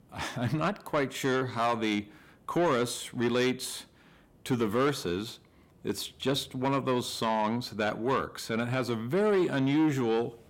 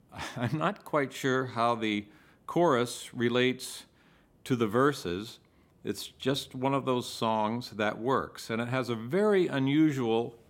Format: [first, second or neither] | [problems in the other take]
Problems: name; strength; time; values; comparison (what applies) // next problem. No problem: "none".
second | distortion; slight; 10 dB below the speech